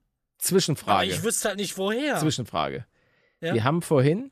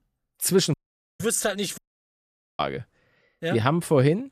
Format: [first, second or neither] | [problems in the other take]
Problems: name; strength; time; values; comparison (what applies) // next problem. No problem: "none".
first | audio cutting out; at 0.5 s and at 2 s for 1 s